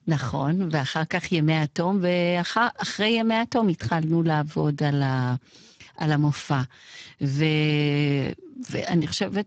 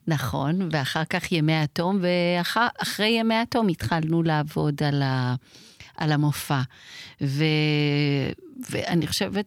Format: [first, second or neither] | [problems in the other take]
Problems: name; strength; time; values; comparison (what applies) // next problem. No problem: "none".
second | garbled, watery; badly; nothing above 7.5 kHz